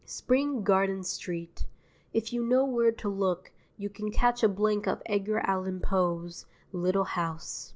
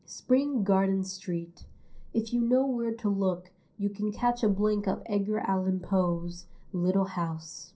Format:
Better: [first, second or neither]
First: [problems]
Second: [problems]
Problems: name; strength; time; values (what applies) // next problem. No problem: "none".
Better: first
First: none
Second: room echo; dies away in 0.3 s